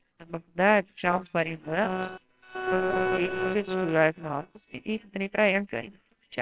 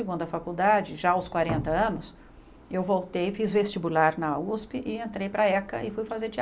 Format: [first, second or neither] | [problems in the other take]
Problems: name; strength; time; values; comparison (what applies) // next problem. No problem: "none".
second | noise reduction (neural separator model SepFormer WHAMR!)